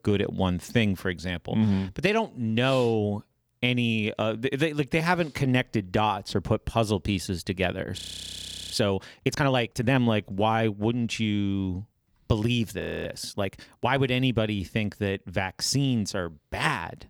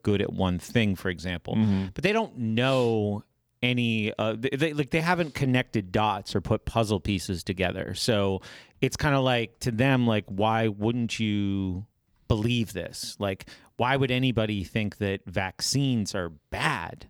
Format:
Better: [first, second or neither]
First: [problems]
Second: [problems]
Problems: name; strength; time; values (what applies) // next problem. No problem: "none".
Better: second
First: audio freezing; at 8 s for 1 s and at 13 s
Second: none